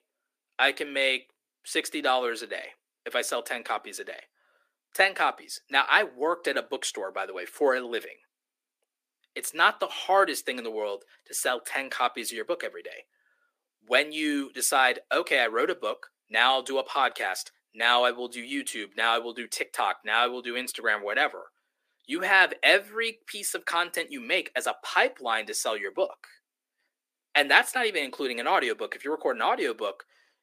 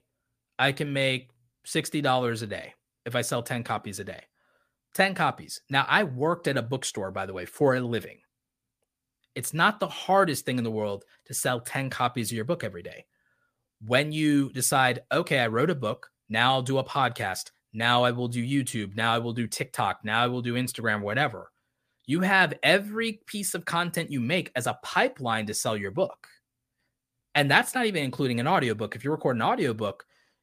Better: second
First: thin; somewhat; fading below 300 Hz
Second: none

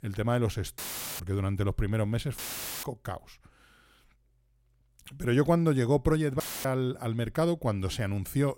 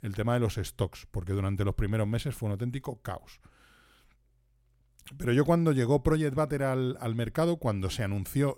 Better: second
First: audio cutting out; filled with static; at 1 s, at 2.5 s and at 6.5 s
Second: none

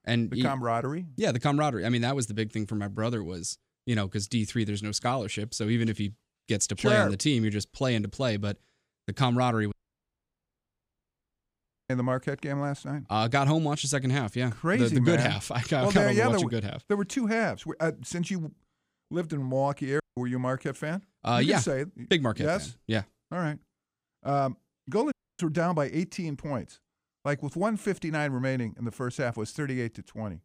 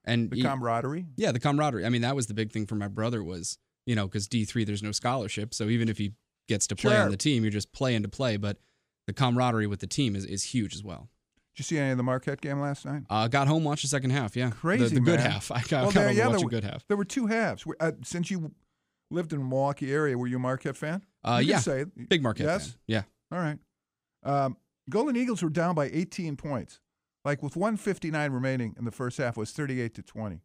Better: second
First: audio cutting out; at 9.5 s for 2 s, at 20 s and at 25 s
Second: none

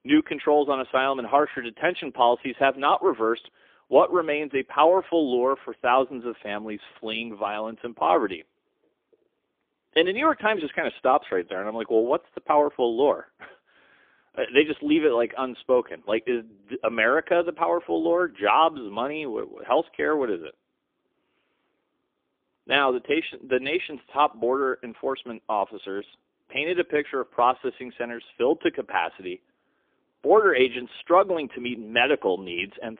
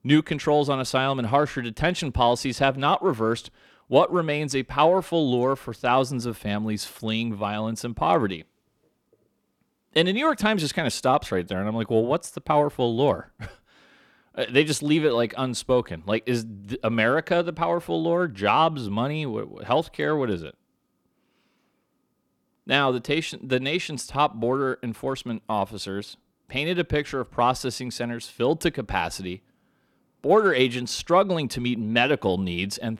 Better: second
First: phone-call audio; poor line; nothing above 3.5 kHz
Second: none

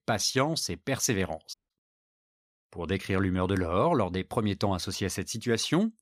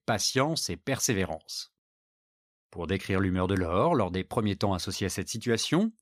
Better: second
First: audio cutting out; at 1.5 s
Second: none

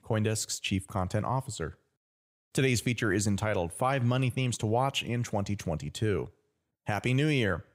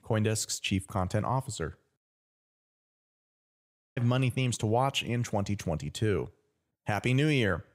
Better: first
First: none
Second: audio cutting out; at 2 s for 1.5 s

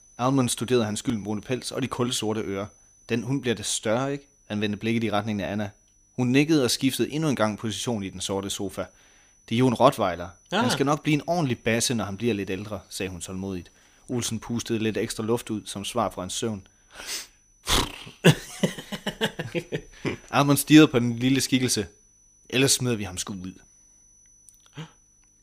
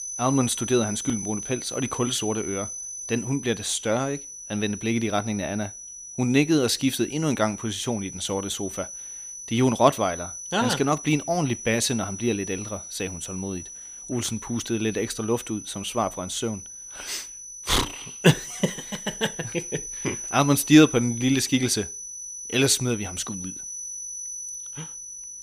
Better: first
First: high-pitched whine; faint; throughout; 6 kHz, 30 dB below the speech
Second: high-pitched whine; loud; throughout; 6 kHz, 9 dB below the speech

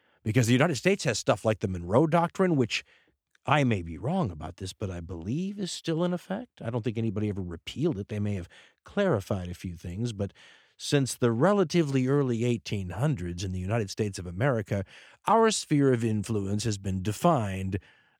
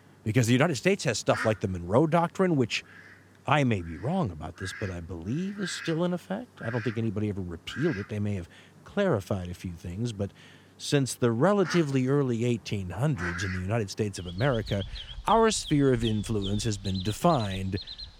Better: first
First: none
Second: animal sounds; noticeable; throughout; 10 dB below the speech

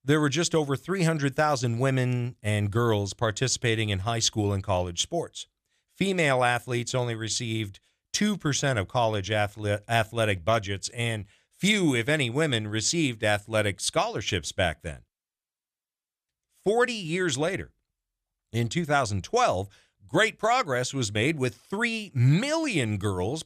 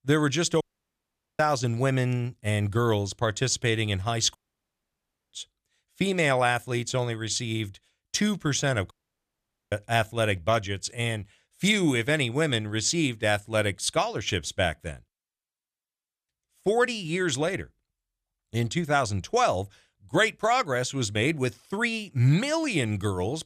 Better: first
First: none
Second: audio cutting out; at 0.5 s for 1 s, at 4.5 s for 1 s and at 9 s for 1 s

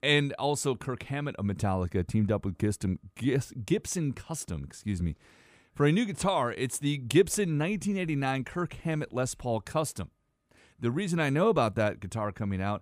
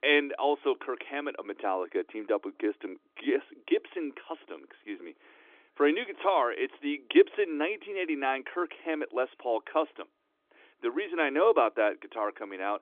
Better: first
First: none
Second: phone-call audio; nothing above 3.5 kHz

